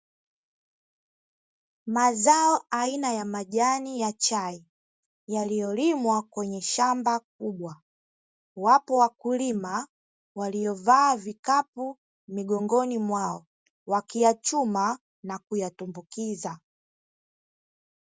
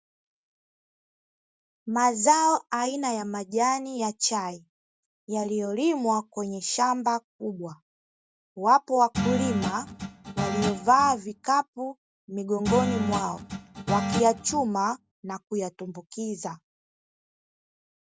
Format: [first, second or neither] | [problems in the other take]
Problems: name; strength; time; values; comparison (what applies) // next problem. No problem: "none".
first | background sound (Guitar); 3 dB below the speech